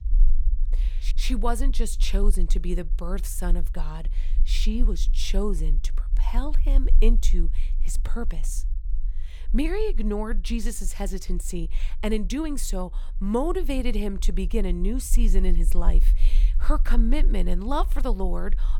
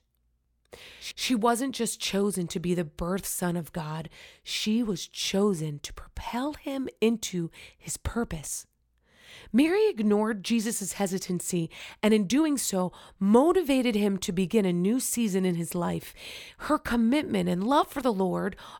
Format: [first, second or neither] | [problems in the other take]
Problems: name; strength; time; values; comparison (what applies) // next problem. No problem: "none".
second | low rumble; faint; throughout; 20 dB below the speech